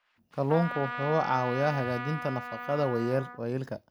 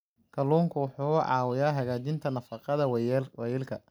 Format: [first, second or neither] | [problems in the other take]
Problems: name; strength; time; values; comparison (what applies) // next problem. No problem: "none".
second | background sound (Trumpet); 9 dB below the speech